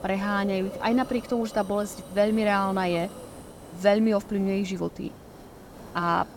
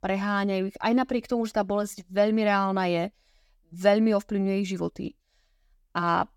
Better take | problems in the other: second | hiss; noticeable; throughout; 15 dB below the speech

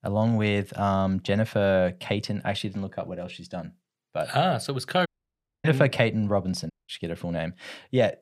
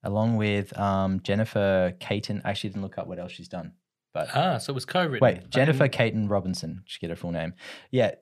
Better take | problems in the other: second | audio cutting out; at 5 s for 0.5 s and at 6.5 s

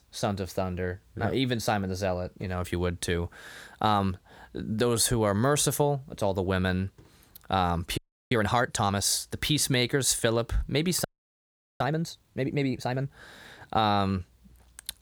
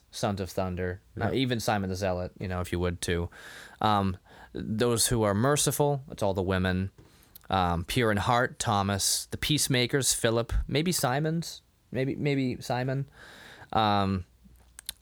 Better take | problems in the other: second | audio freezing; at 8 s and at 11 s for 1 s

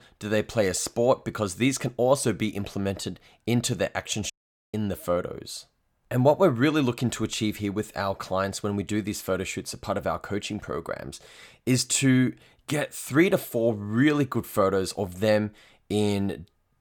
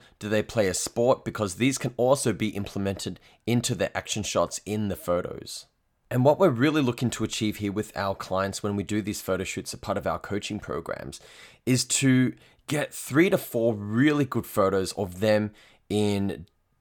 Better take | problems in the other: second | audio cutting out; at 4.5 s

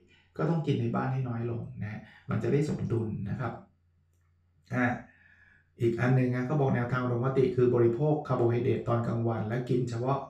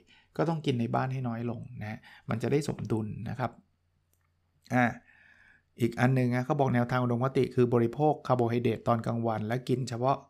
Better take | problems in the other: second | room echo; noticeable; dies away in 0.3 s // off-mic speech; far

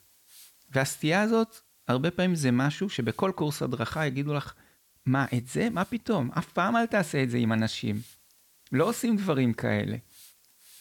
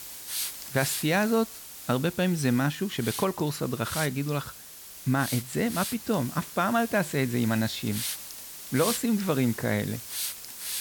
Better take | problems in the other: first | hiss; loud; throughout; 7 dB below the speech; faint in the first

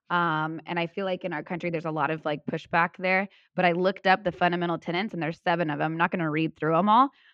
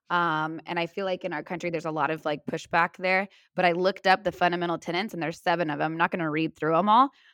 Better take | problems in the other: second | muffled; very slightly; fading above 3 kHz

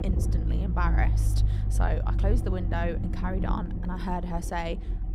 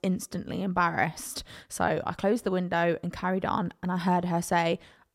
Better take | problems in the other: second | low rumble; loud; throughout; 9 dB below the speech

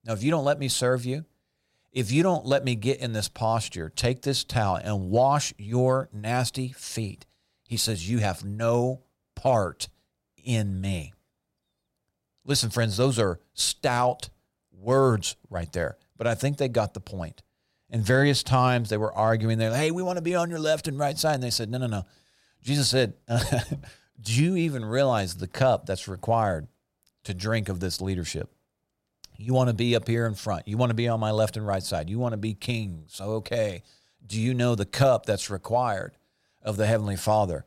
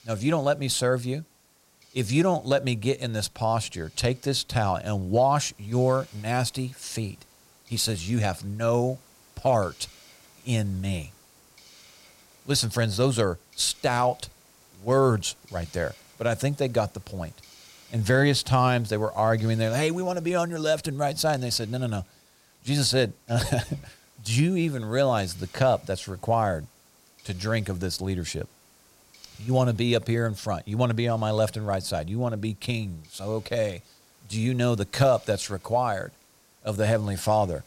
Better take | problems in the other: first | hiss; faint; throughout; 25 dB below the speech

